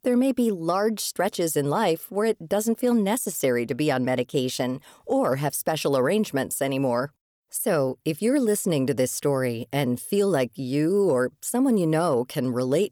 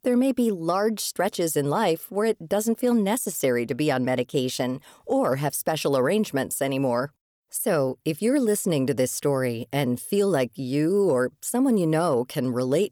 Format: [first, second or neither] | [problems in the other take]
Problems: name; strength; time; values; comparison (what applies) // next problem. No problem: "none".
neither | none